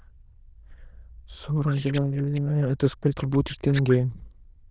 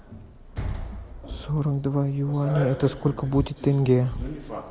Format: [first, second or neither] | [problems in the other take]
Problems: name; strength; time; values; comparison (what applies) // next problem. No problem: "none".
second | noise reduction (neural diffusion model UNIVERSE++)